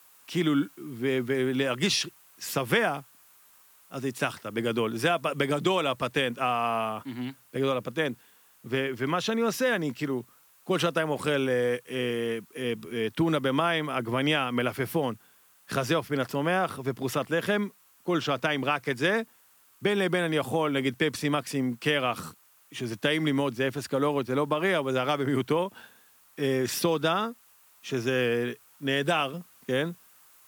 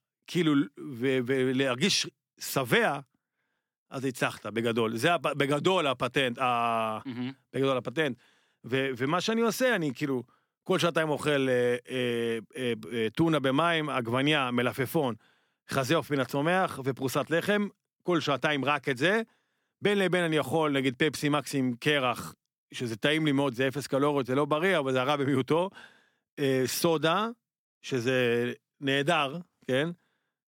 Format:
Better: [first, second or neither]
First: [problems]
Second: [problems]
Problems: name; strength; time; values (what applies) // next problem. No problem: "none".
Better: second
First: hiss; faint; throughout; 30 dB below the speech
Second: none